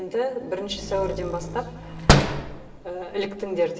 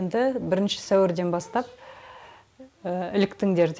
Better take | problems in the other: second | background sound (Slam); 3 dB above the speech // room echo; dies away in 1.3 s

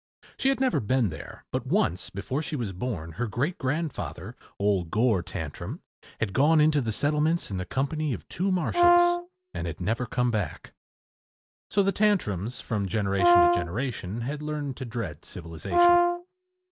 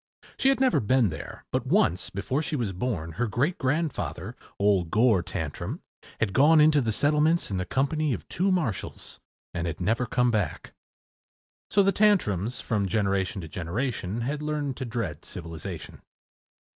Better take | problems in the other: second | background sound (Brass instrument); 4 dB above the speech

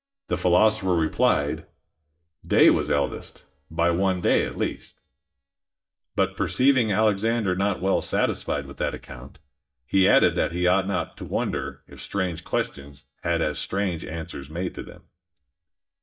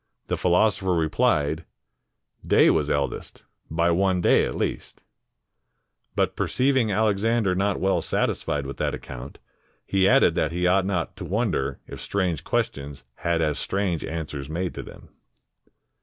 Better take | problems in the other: second | noise reduction (neural mask model DeepFilterNet 3)

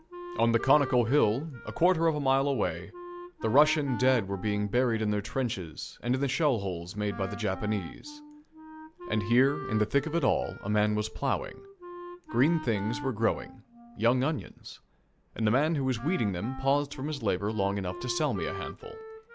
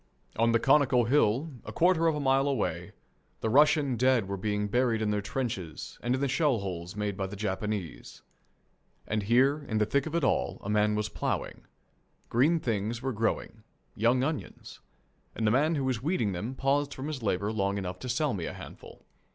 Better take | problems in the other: second | background sound (Wind instrument, woodwind instrument); 14 dB below the speech

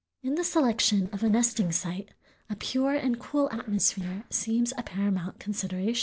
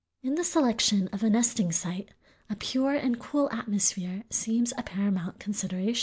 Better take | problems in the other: second | noise reduction (neural separator model SepFormer DNS4)

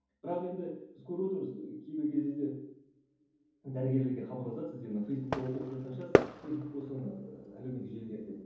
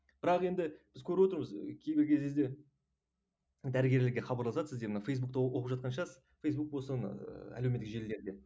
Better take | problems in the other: second | background sound (Fireworks); 2 dB above the speech // room echo; dies away in 0.9 s

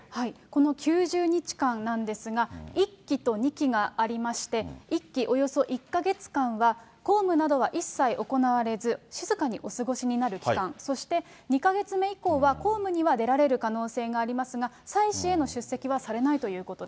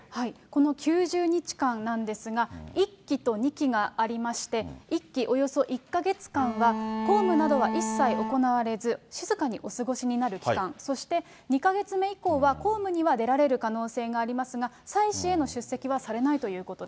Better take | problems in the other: first | background sound (Bowed string instrument); 3 dB below the speech

